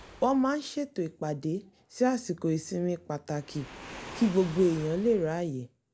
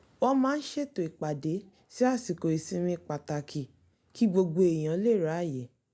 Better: second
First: background sound (Waves, surf); 19 dB below the speech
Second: none

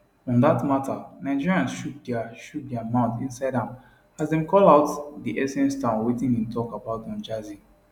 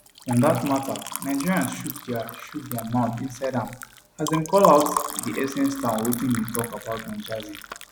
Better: first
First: none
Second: background sound (Liquid); 9 dB below the speech

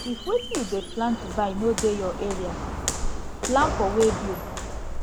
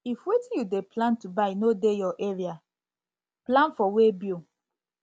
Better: second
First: background sound (Bird vocalization, bird call, bird song + Walk, footsteps); 3 dB below the speech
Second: none

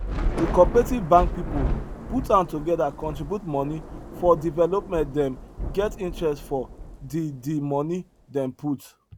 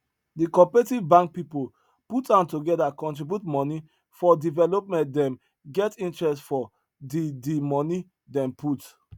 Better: second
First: background sound (Thunder / Rain); 7 dB below the speech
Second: none

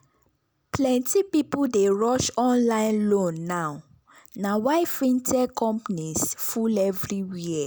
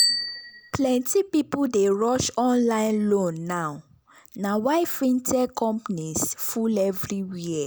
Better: first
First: none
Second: background sound (Bicycle bell); 11 dB below the speech

